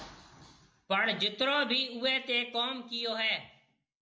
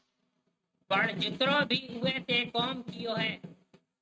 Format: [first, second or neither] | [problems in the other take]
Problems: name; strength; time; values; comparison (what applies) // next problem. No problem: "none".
first | noise reduction (neural mask model RNNoise)